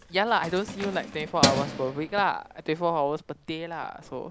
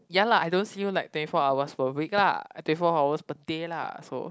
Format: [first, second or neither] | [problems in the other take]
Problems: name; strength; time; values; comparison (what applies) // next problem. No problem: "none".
second | background sound (Keys jangling); 5 dB below the speech